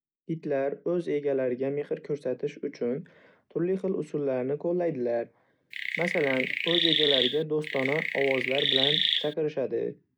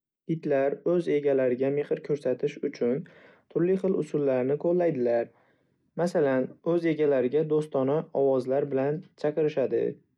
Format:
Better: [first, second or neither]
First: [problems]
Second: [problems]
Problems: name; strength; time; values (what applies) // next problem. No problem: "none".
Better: second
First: background sound (Chirp, tweet); 1 dB above the speech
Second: none